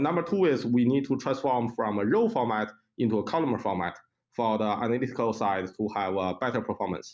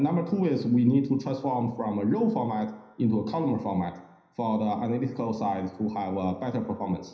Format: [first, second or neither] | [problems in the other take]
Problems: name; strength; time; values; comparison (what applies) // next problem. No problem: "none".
first | room echo; dies away in 0.9 s